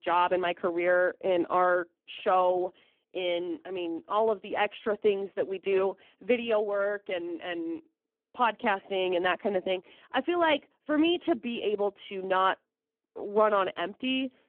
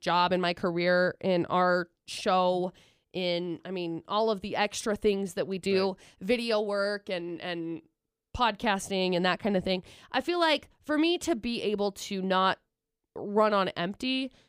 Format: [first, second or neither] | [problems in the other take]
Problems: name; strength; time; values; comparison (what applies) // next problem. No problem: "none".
second | phone-call audio; poor line; nothing above 3 kHz